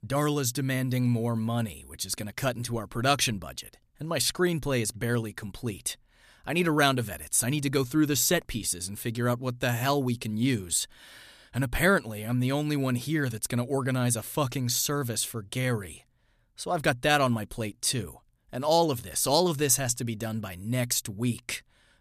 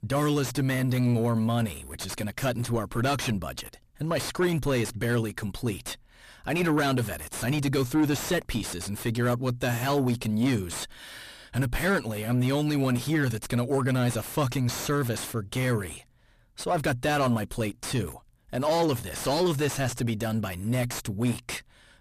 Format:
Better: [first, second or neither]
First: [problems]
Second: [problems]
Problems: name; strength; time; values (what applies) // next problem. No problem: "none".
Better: first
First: none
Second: distortion; heavy; 5 dB below the speech